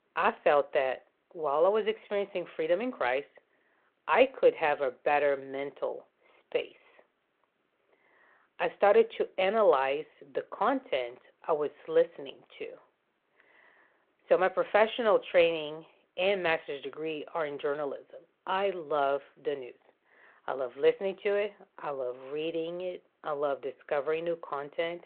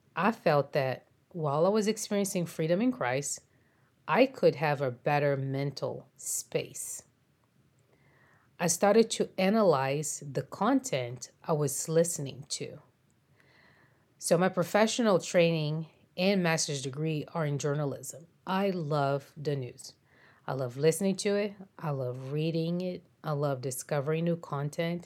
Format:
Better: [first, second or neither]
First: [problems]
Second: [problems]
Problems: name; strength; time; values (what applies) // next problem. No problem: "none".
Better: second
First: phone-call audio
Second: none